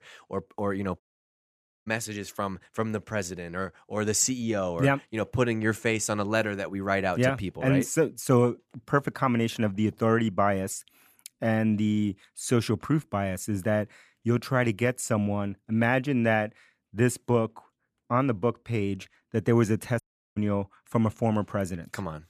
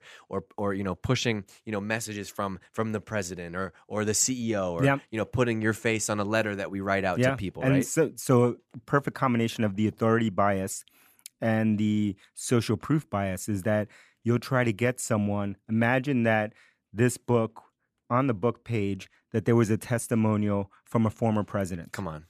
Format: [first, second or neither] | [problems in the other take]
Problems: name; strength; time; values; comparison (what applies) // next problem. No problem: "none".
second | audio cutting out; at 1 s for 1 s and at 20 s